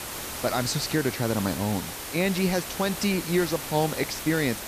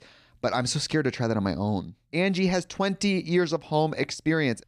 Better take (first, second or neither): second